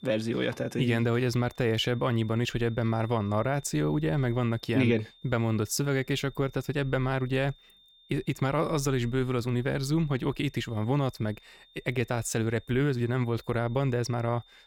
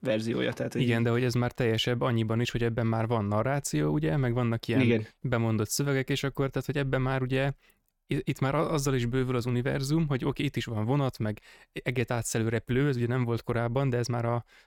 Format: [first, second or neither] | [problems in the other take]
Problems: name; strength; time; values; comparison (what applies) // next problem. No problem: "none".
second | high-pitched whine; faint; throughout; 3.5 kHz, 25 dB below the speech